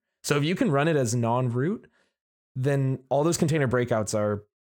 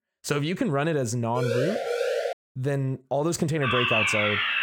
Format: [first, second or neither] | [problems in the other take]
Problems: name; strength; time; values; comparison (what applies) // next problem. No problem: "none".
first | siren; loud; at 1.5 s; peak 1 dB above the speech // alarm; loud; from 3.5 s on; peak 5 dB above the speech